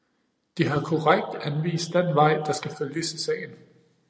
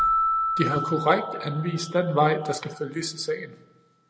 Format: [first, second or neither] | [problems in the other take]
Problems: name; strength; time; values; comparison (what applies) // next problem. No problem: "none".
first | background sound (Keyboard (musical)); 3 dB below the speech